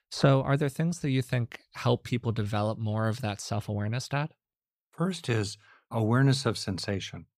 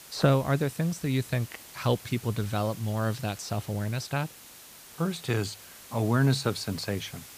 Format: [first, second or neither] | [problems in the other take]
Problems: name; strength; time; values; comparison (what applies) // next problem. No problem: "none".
first | hiss; noticeable; throughout; 15 dB below the speech